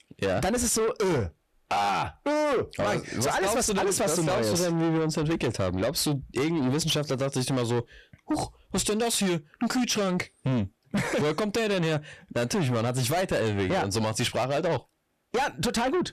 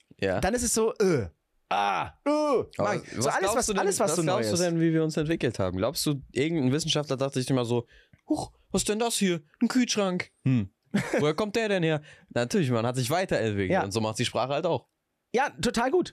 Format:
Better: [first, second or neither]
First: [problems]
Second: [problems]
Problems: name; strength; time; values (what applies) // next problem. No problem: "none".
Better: second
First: distortion; heavy; 8 dB below the speech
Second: none